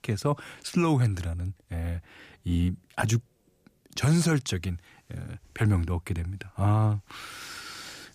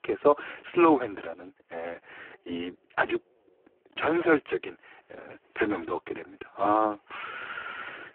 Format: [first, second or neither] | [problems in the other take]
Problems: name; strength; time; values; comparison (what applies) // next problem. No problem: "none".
first | phone-call audio; poor line